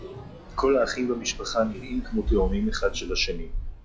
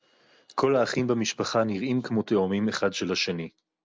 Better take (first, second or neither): second